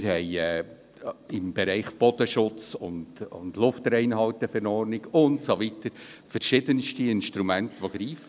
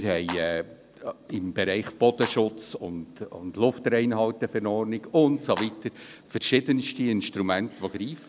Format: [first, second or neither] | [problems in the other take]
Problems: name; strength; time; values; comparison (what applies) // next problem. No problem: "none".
first | background sound (Clapping); 13 dB below the speech